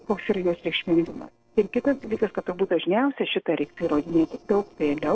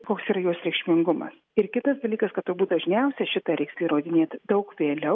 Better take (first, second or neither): second